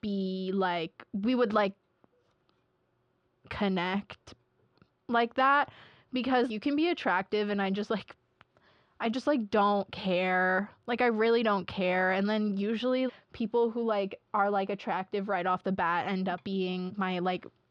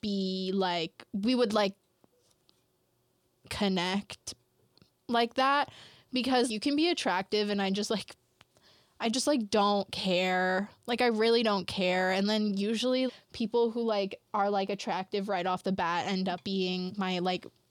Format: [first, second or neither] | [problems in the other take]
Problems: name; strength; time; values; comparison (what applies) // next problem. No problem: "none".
second | muffled; slightly; fading above 2 kHz